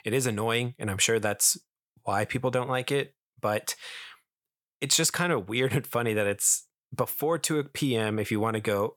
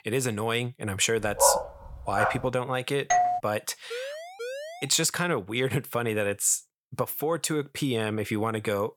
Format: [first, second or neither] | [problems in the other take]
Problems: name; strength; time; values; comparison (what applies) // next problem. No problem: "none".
first | dog barking; loud; at 1.5 s; peak 3 dB above the speech // doorbell; loud; at 3 s; peak 3 dB above the speech // siren; noticeable; at 4 s; peak 9 dB below the speech